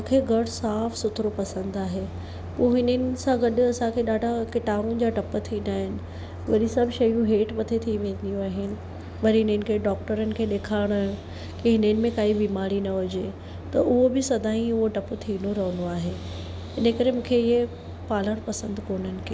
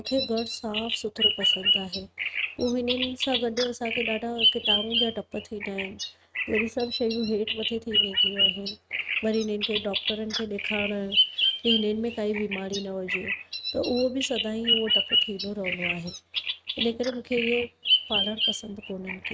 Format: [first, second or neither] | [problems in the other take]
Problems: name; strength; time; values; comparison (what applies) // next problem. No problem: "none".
first | noise reduction (neural mask model RNNoise)